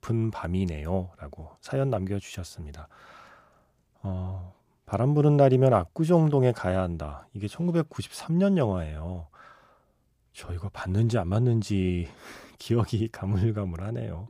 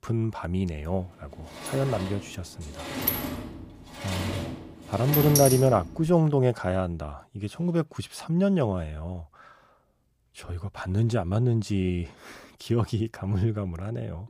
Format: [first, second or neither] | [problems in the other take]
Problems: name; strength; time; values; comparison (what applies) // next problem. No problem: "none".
first | door banging; loud; from 1.5 to 6 s; peak 3 dB above the speech